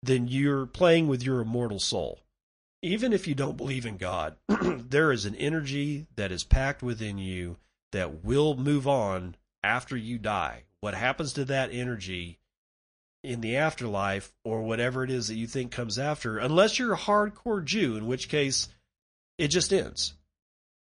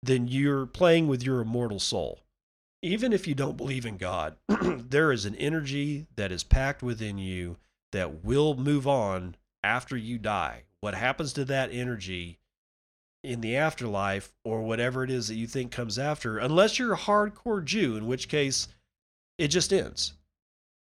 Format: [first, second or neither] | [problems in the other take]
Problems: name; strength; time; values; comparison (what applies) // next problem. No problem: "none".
second | garbled, watery; slightly; nothing above 10.5 kHz